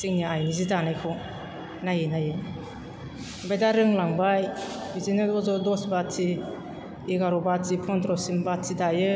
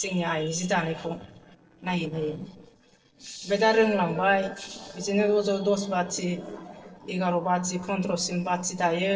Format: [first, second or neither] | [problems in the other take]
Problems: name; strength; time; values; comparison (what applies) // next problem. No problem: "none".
first | noise reduction (neural separator model SepFormer DNS4)